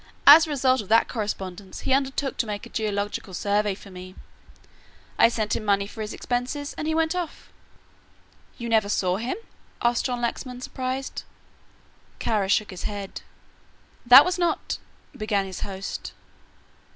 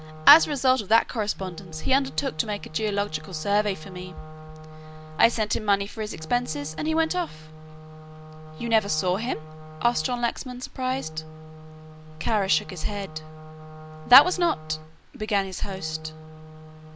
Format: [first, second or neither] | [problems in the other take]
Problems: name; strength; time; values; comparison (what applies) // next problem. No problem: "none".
first | background sound (Wind instrument, woodwind instrument); 15 dB below the speech